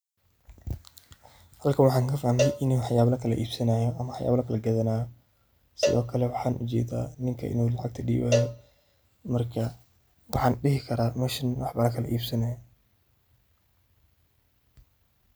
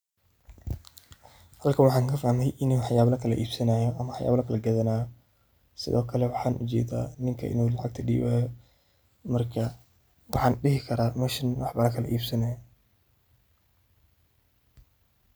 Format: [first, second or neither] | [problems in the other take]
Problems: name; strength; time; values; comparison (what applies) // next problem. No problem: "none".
second | background sound (Cowbell); 6 dB below the speech